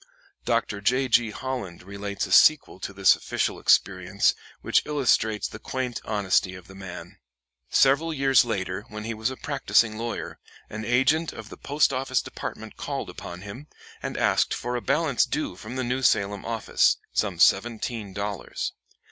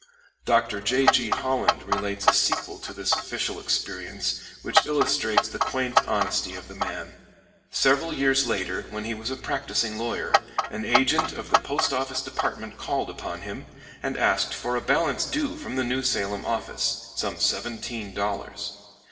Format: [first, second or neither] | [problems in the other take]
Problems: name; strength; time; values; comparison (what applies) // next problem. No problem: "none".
first | background sound (Clock); 1 dB above the speech // room echo; dies away in 1.7 s